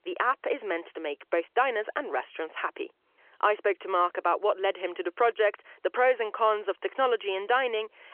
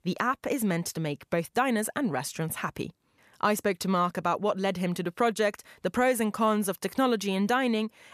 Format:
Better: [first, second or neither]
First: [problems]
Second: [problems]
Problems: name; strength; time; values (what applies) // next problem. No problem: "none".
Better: second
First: phone-call audio; nothing above 3.5 kHz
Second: none